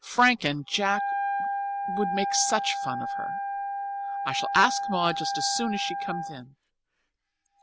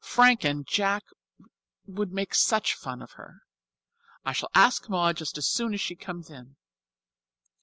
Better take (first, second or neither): second